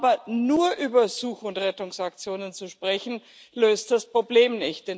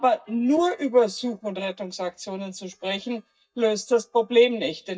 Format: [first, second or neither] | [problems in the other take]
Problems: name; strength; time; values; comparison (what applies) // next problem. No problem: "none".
first | noise reduction (neural mask model DeepFilterNet 3)